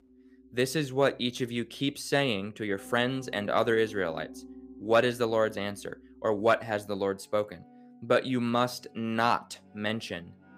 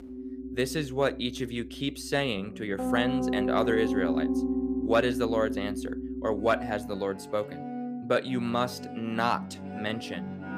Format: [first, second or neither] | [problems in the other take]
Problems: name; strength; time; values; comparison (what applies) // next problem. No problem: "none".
first | background music; loud; throughout; 3 dB below the speech; faint in the first